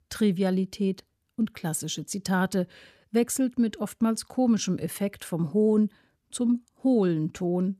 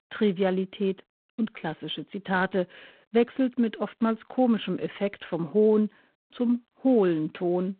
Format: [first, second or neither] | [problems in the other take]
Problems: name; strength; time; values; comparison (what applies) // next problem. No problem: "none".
first | phone-call audio; poor line